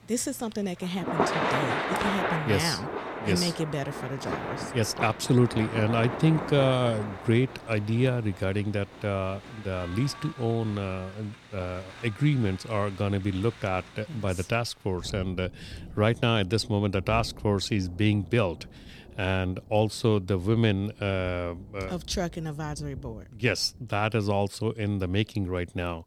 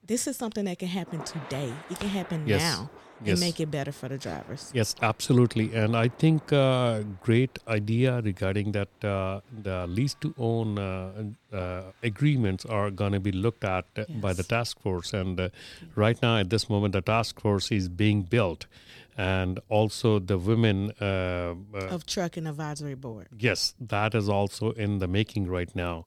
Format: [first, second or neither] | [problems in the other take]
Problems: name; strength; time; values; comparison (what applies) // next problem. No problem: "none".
second | rain or running water; loud; throughout; 7 dB below the speech; faint in the second